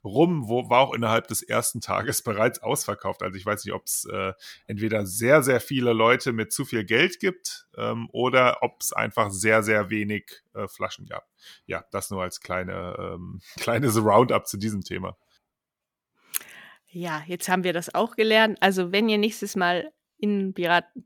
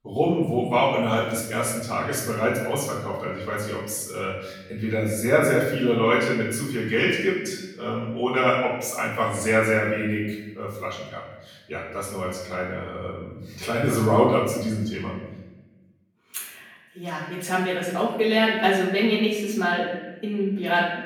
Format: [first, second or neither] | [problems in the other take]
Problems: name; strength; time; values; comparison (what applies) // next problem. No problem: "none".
first | off-mic speech; far // room echo; noticeable; dies away in 1 s